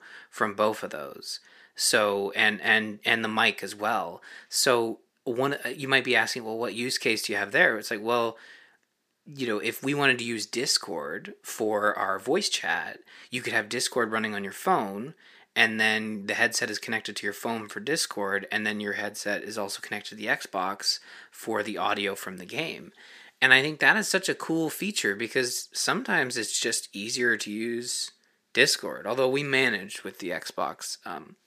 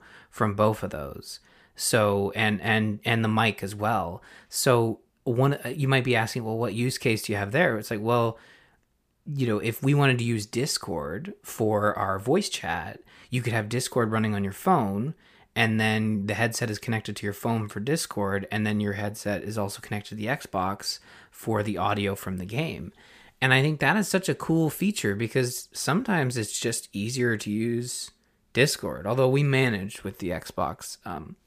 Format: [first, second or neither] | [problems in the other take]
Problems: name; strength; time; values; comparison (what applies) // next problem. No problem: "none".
second | thin; somewhat; fading below 300 Hz